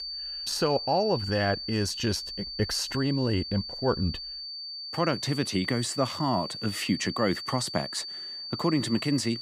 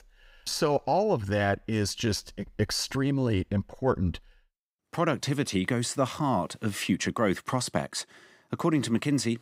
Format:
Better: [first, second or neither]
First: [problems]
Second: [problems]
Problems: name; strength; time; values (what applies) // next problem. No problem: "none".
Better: second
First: high-pitched whine; loud; throughout; 4.5 kHz, 6 dB below the speech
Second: none